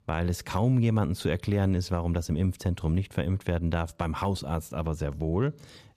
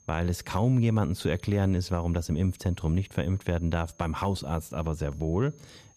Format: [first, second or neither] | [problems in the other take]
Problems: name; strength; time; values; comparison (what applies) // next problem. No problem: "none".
first | high-pitched whine; faint; throughout; 6.5 kHz, 30 dB below the speech